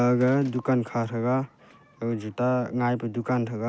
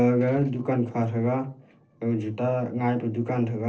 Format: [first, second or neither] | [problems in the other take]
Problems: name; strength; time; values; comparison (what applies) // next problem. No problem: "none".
first | noise reduction (neural separator model SepFormer DNS4)